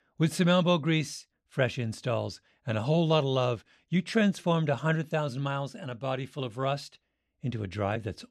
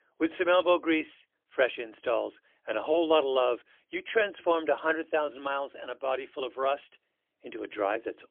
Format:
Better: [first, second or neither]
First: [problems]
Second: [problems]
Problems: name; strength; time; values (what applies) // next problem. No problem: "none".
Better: first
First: none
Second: phone-call audio; poor line; nothing above 3.5 kHz